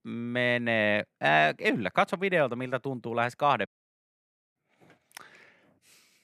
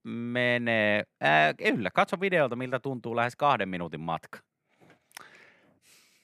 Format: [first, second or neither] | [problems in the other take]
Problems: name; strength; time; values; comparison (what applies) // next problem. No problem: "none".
second | audio cutting out; at 3.5 s for 1 s